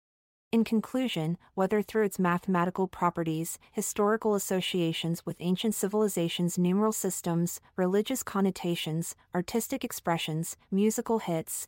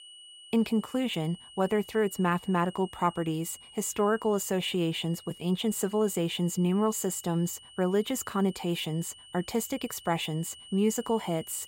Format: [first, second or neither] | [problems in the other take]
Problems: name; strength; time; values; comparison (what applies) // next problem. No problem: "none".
first | high-pitched whine; noticeable; throughout; 3 kHz, 20 dB below the speech